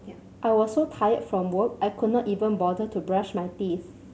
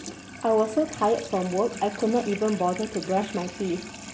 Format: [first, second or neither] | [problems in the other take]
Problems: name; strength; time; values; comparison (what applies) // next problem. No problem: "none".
first | background sound (Sink (filling or washing) / Water tap, faucet); 13 dB below the speech